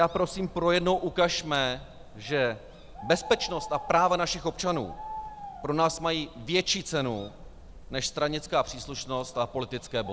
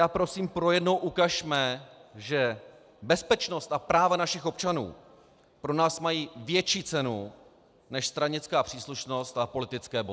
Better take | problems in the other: second | background sound (Bird); 15 dB below the speech

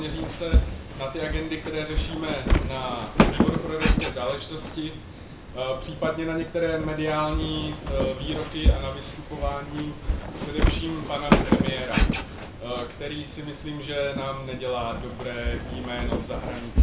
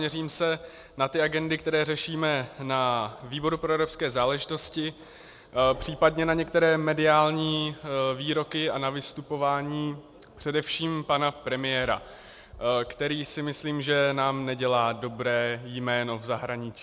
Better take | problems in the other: second | background sound (Walk, footsteps); 4 dB above the speech // room echo; dies away in 0.4 s

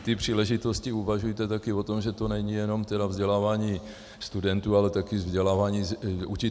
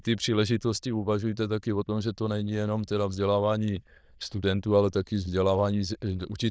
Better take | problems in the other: first | noise reduction (neural diffusion model UNIVERSE++)

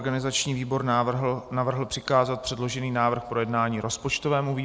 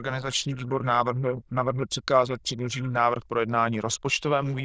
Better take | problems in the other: first | noise reduction (neural diffusion model UNIVERSE++)

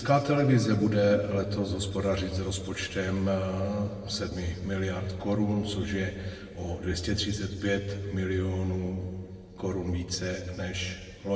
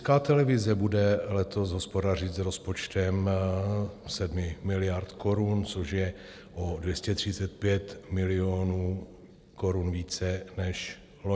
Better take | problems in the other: second | room echo; dies away in 1.9 s

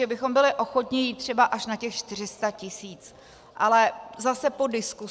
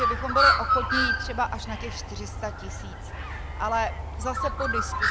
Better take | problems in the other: first | background sound (Bird); 5 dB above the speech

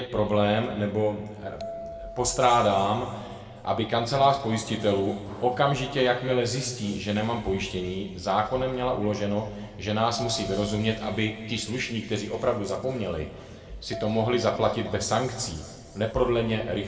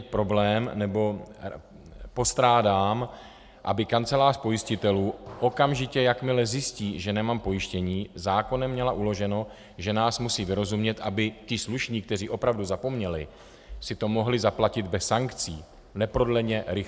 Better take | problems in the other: second | background sound (Bell); 16 dB below the speech // room echo; dies away in 1.7 s

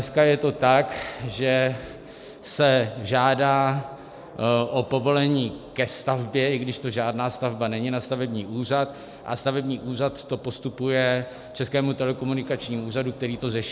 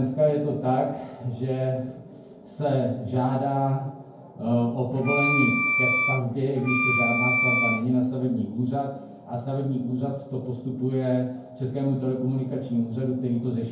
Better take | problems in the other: first | background sound (Wind instrument, woodwind instrument); 1 dB above the speech // room echo; dies away in 0.9 s

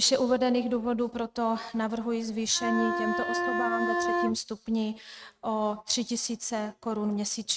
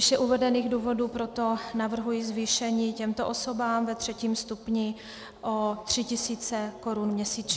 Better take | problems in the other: second | noise reduction (neural mask model RNNoise)

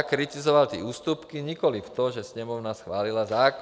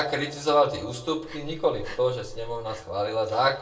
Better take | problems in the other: first | background sound (Breathing); 13 dB below the speech // room echo; dies away in 0.3 s

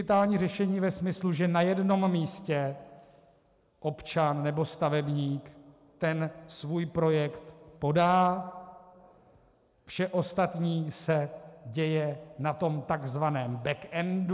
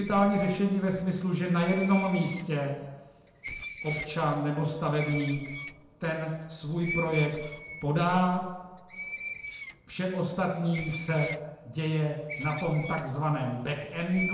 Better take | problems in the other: first | background sound (Screech); 12 dB below the speech // room echo; dies away in 0.9 s

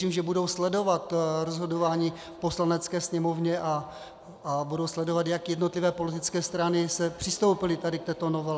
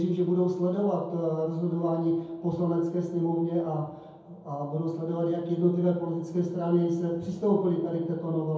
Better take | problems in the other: first | room echo; dies away in 0.9 s

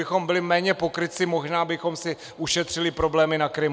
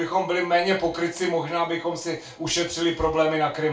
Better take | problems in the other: first | room echo; dies away in 0.2 s

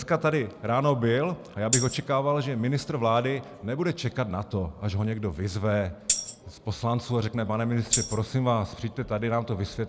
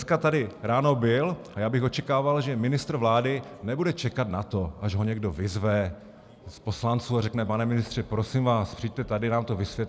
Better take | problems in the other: second | background sound (Tambourine); 5 dB below the speech

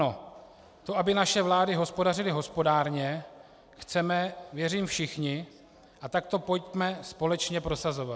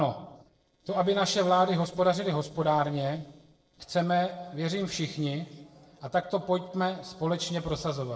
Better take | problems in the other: first | noise reduction (neural separator model SepFormer DNS4)

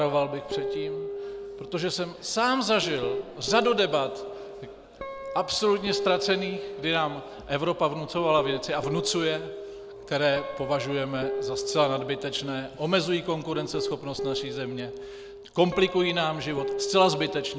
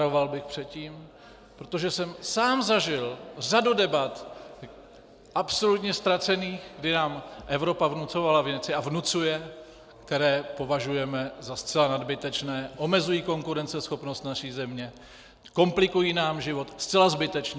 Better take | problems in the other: second | background sound (Guitar); 8 dB below the speech

